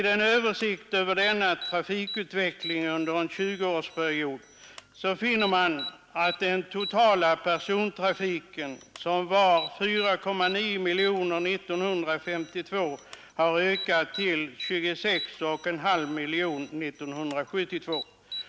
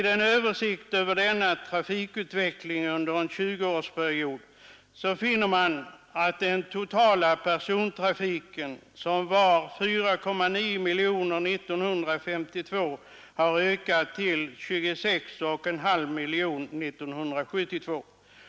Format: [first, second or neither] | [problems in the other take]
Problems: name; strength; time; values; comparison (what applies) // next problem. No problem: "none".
second | background sound (Alarm); 15 dB below the speech